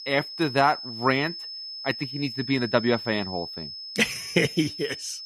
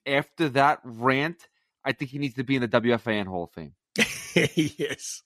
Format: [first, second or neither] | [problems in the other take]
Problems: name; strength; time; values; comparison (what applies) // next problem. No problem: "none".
second | high-pitched whine; loud; throughout; 5 kHz, 9 dB below the speech